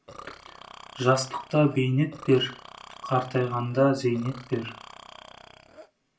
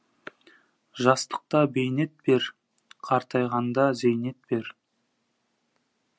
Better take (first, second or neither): second